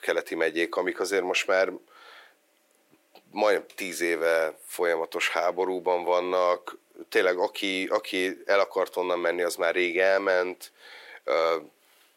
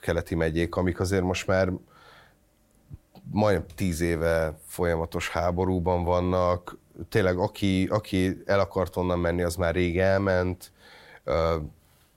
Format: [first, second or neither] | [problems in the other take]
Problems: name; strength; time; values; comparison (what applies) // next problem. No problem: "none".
second | thin; very; fading below 350 Hz